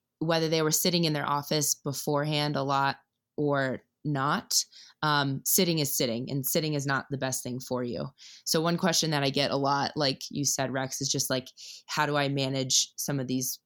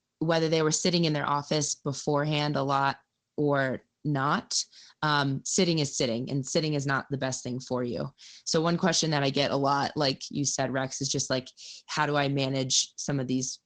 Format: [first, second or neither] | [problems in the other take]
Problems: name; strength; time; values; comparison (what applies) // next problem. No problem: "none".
first | garbled, watery; slightly